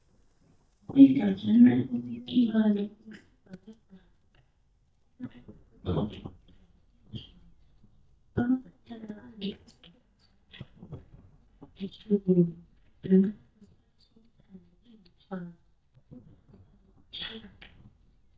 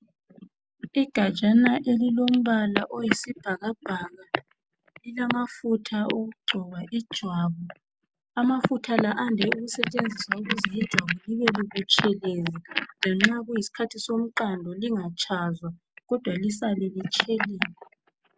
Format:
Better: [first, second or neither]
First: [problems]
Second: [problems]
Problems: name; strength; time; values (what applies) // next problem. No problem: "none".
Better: second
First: noise reduction (neural mask model DeepFilterNet 3)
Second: none